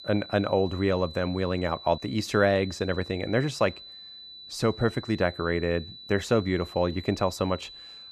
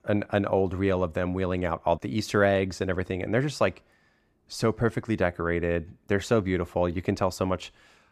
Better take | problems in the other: second | high-pitched whine; noticeable; throughout; 4 kHz, 15 dB below the speech

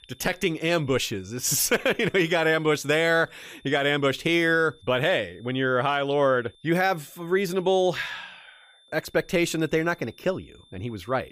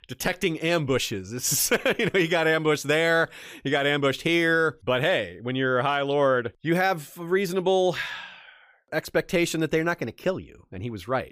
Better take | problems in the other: second | high-pitched whine; faint; throughout; 3.5 kHz, 30 dB below the speech

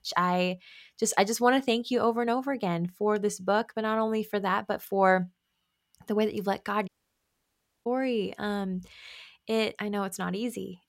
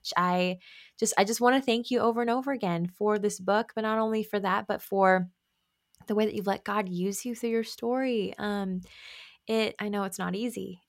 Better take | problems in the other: second | audio cutting out; at 7 s for 1 s

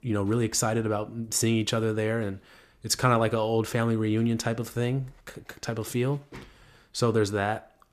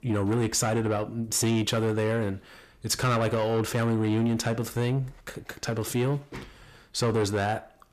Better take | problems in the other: first | distortion; slight; 10 dB below the speech

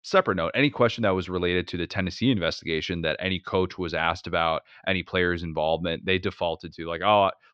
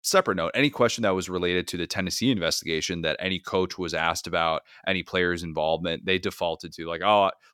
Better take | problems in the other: second | muffled; slightly; fading above 4 kHz

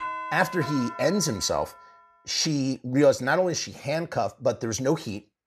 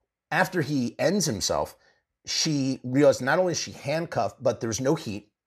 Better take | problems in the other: second | doorbell; noticeable; until 2 s; peak 7 dB below the speech

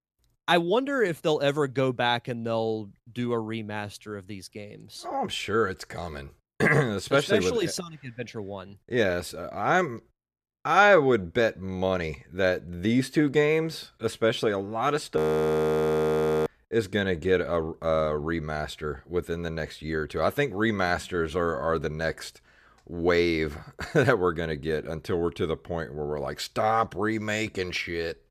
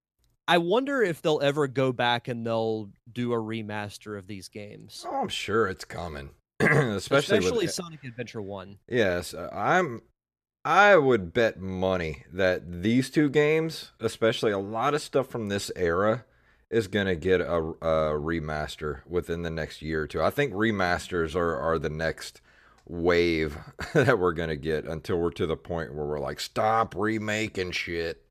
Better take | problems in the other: second | audio freezing; at 15 s for 1.5 s

